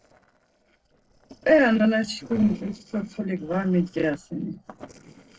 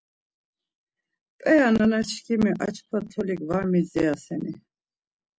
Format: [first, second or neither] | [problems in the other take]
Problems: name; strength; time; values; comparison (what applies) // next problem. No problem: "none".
second | noise reduction (neural separator model SepFormer DNS4)